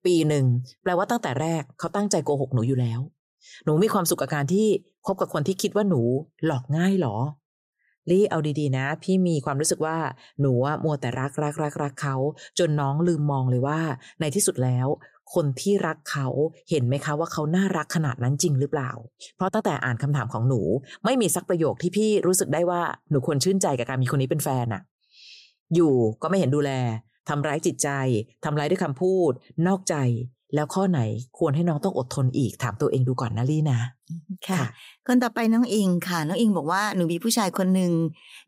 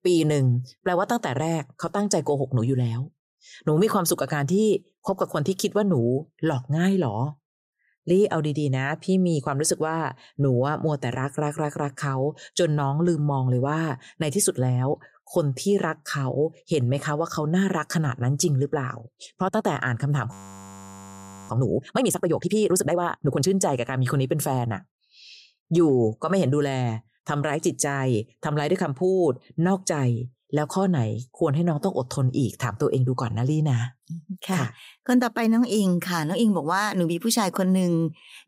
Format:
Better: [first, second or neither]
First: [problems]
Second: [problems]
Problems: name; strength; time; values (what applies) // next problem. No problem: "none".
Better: first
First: none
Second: audio freezing; at 20 s for 1 s